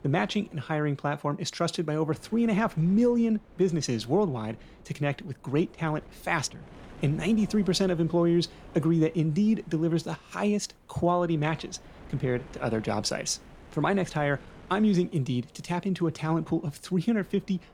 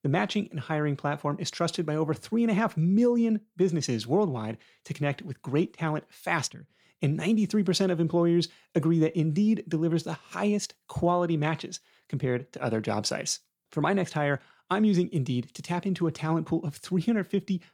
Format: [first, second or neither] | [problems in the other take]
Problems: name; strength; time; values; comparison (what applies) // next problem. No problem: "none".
second | wind noise on the microphone; occasional gusts; 25 dB below the speech